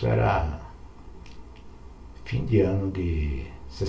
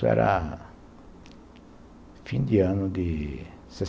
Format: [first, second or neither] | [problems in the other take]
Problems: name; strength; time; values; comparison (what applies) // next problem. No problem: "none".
second | room echo; dies away in 0.3 s